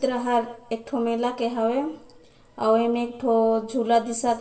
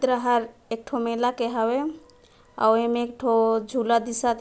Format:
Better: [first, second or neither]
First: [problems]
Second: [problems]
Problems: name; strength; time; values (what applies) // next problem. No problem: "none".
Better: second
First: room echo; dies away in 0.8 s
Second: none